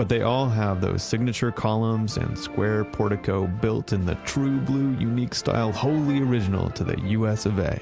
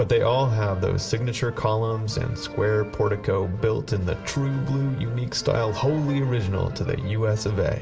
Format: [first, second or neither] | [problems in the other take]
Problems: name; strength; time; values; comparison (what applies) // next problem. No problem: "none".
first | room echo; dies away in 1.7 s